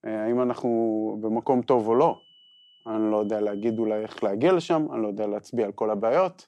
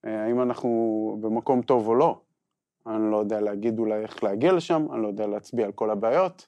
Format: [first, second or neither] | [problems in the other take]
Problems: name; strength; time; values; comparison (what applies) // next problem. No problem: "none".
second | high-pitched whine; faint; from 2 to 4.5 s; 3 kHz, 30 dB below the speech